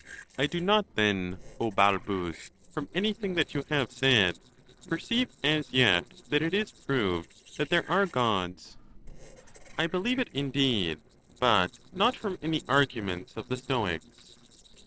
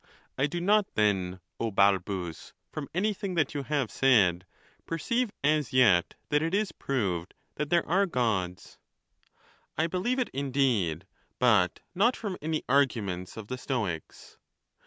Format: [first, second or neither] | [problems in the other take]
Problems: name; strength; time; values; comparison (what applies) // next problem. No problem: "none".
second | noise reduction (neural separator model SepFormer DNS4)